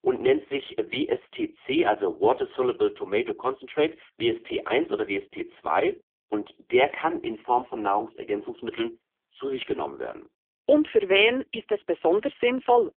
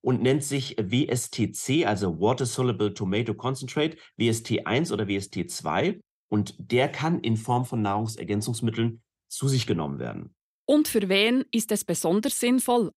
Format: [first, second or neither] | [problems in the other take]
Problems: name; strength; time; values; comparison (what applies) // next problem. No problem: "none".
second | phone-call audio; poor line; nothing above 3.5 kHz